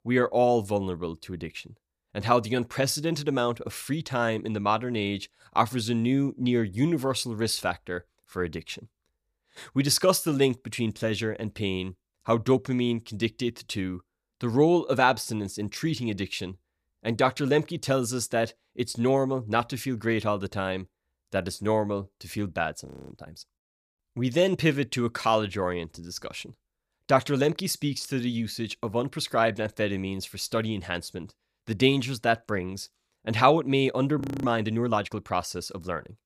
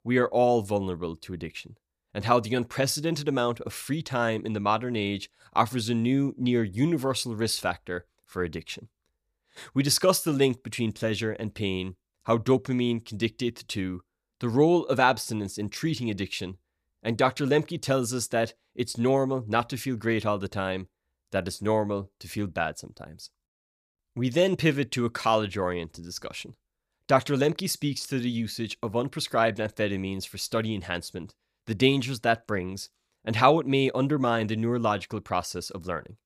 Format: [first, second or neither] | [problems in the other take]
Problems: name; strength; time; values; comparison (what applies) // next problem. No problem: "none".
second | audio freezing; at 23 s and at 34 s